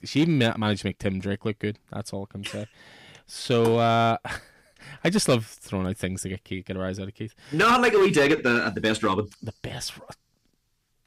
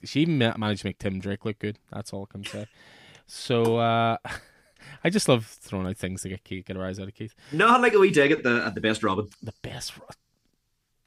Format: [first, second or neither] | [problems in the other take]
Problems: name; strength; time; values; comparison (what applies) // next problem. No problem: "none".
second | distortion; slight; 3% of the sound clipped